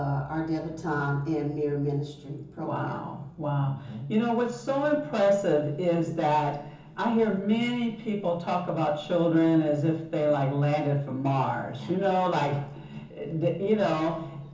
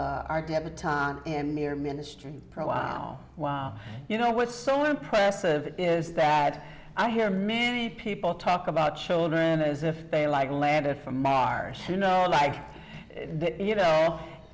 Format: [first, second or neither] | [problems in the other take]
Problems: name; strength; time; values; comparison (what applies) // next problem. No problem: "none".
second | room echo; dies away in 0.7 s